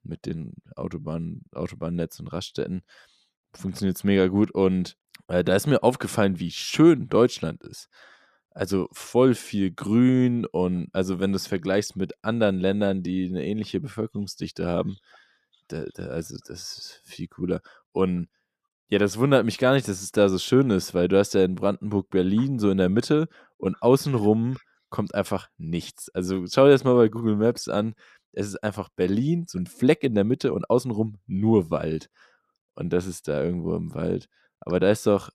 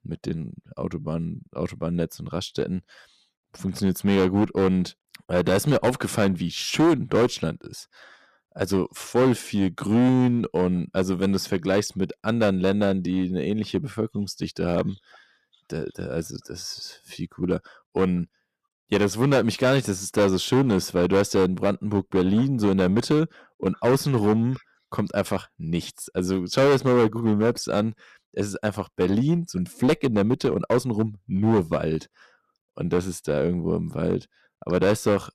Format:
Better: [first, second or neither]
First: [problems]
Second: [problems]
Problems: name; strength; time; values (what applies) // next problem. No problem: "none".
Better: first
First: none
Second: distortion; slight; 7% of the sound clipped